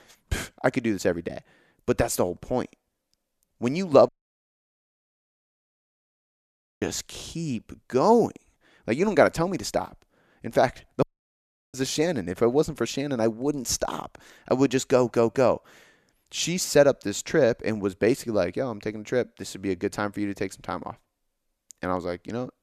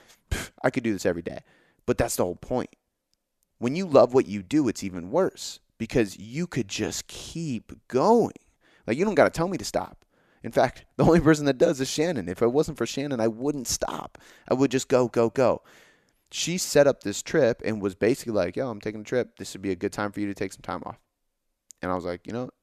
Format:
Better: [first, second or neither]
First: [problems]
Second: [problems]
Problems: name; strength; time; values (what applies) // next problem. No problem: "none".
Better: second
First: audio cutting out; at 4 s for 2.5 s and at 11 s for 0.5 s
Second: none